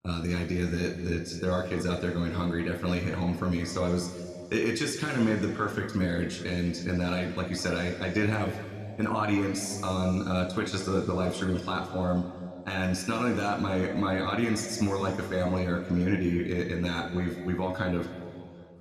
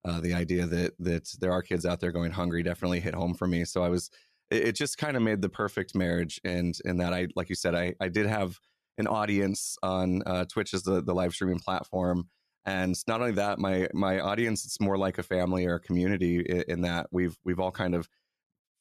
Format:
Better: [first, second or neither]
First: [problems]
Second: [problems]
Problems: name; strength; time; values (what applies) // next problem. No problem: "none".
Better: second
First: room echo; slight; dies away in 2.1 s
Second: none